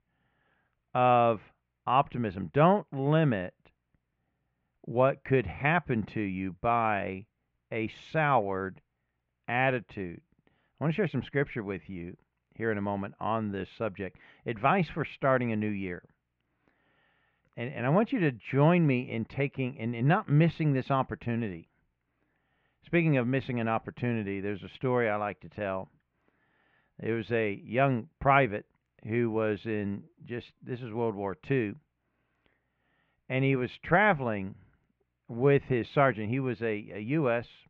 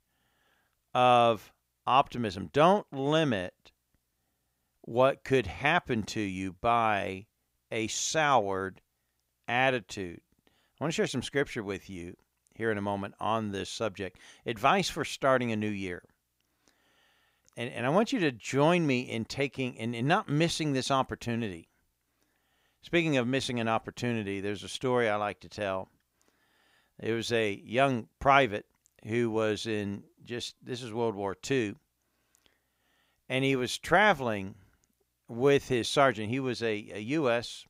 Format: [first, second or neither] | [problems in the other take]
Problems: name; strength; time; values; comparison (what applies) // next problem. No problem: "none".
second | muffled; very; fading above 2.5 kHz